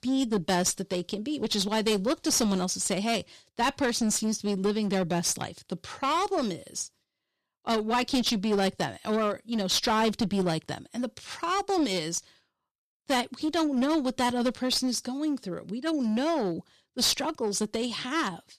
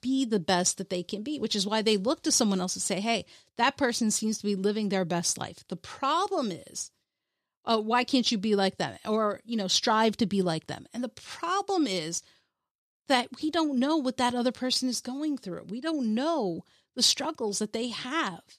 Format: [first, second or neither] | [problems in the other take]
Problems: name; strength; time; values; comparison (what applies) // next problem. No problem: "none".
second | distortion; slight; 9% of the sound clipped